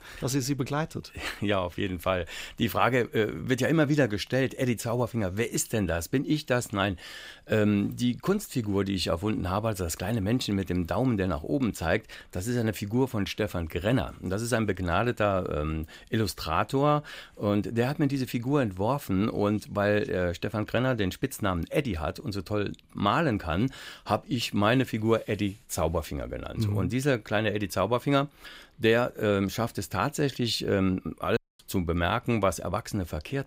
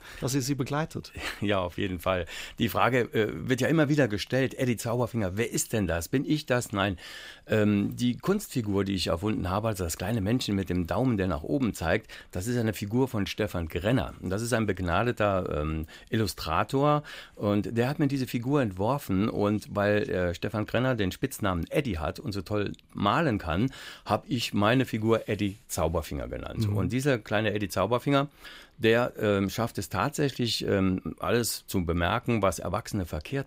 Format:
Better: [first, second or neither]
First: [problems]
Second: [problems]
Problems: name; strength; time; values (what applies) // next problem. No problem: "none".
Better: second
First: audio cutting out; at 31 s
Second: none